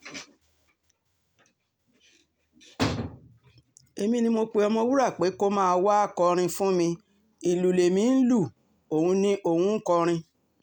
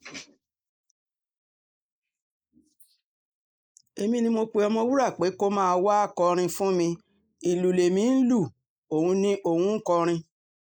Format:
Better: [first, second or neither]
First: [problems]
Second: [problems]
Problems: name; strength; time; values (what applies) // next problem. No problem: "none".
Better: first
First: none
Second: noise reduction (neural mask model Resemble Enhance denoiser)